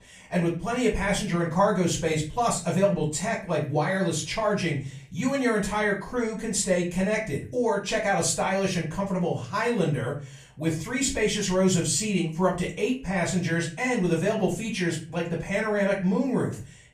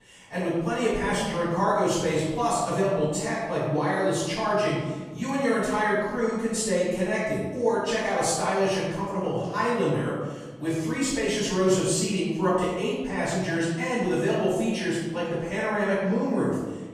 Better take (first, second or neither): first